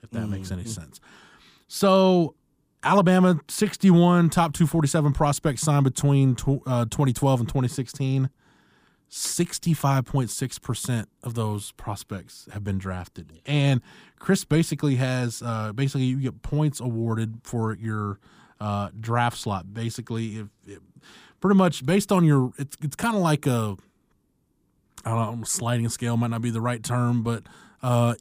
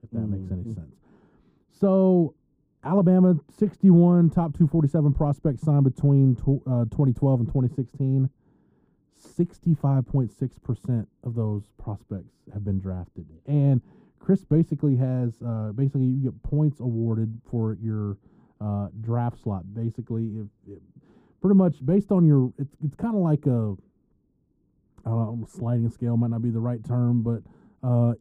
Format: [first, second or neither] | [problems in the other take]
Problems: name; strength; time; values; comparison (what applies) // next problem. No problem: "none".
first | muffled; very; fading above 1 kHz